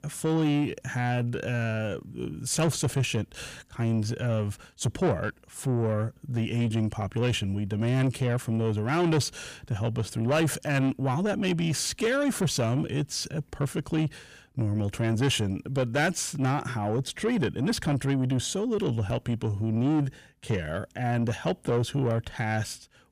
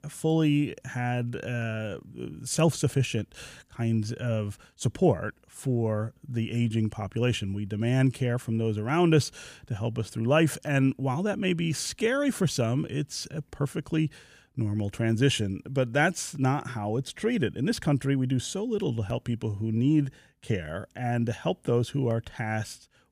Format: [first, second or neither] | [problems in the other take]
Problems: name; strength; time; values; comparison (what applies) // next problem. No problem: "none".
second | distortion; slight; 10 dB below the speech